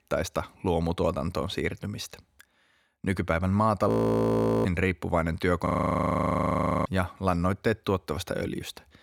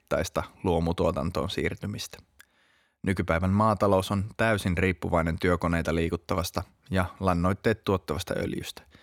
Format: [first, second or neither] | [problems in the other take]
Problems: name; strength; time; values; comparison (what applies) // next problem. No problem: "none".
second | audio freezing; at 4 s for 1 s and at 5.5 s for 1 s